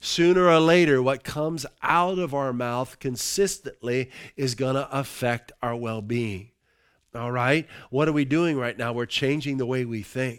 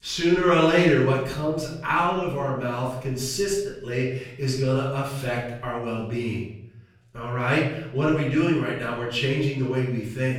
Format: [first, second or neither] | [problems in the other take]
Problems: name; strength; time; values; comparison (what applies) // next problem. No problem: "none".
first | room echo; noticeable; dies away in 0.7 s // off-mic speech; far